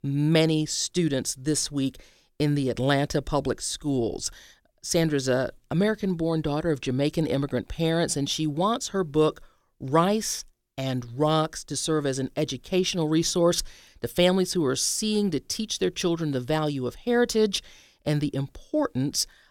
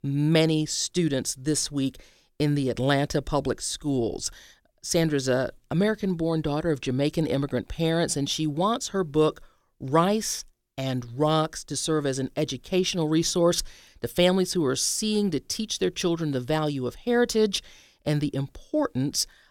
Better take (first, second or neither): neither